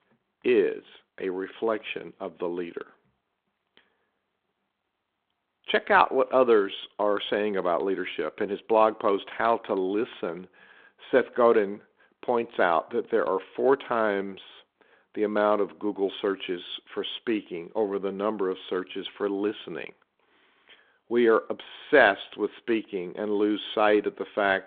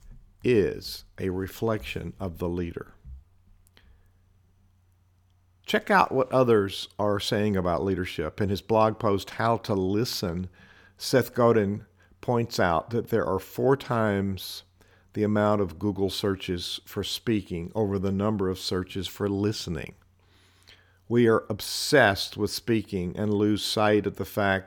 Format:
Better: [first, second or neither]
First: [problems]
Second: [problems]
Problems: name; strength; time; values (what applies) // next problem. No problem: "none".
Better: second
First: phone-call audio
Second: none